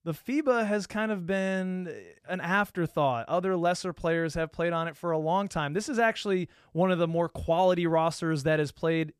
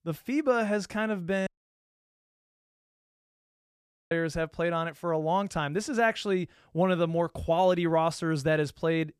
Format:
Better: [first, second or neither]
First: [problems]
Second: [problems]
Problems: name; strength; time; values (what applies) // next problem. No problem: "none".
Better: first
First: none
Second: audio cutting out; at 1.5 s for 2.5 s